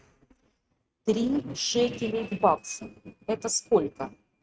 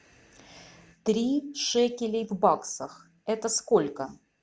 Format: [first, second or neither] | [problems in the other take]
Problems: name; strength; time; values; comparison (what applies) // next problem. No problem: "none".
second | noise reduction (neural mask model RNNoise)